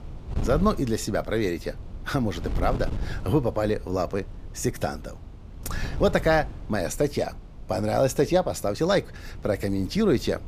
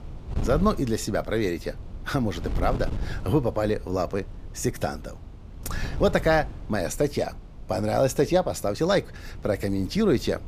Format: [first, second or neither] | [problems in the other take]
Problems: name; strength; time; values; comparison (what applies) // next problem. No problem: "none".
neither | wind noise on the microphone; occasional gusts; 20 dB below the speech; the same in both